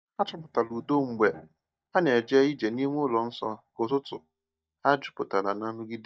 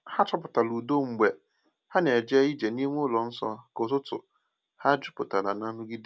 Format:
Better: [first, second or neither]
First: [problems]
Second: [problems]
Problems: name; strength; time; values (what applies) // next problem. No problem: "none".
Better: second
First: noise reduction (neural mask model DeepFilterNet 3)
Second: none